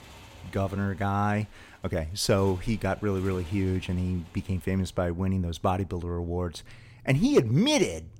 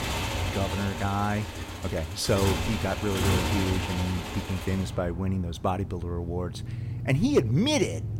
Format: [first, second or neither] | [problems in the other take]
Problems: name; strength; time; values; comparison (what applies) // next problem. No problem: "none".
first | traffic noise; loud; throughout; 4 dB below the speech; faint in the first